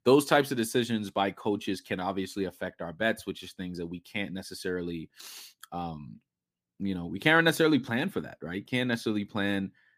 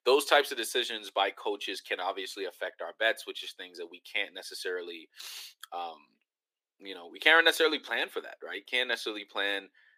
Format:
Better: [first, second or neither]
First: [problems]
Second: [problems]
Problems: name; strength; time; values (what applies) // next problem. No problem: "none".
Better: first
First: none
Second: thin; very; fading below 400 Hz